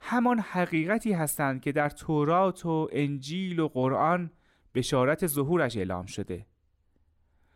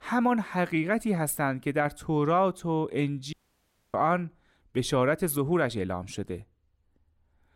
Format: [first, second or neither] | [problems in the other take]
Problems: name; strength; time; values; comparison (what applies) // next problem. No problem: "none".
first | audio cutting out; at 3.5 s for 0.5 s